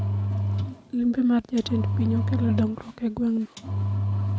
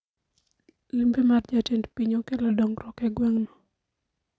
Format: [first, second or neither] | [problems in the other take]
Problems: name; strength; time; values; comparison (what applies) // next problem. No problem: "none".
second | background sound (Engine); as loud as the speech